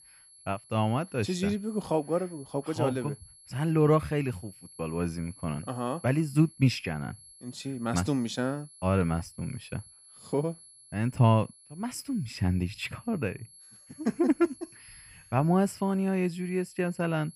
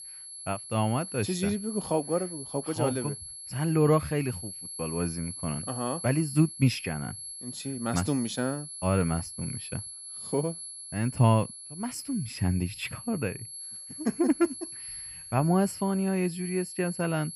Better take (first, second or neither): first